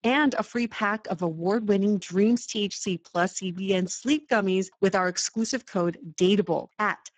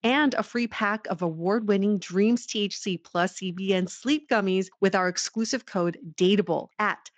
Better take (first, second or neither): second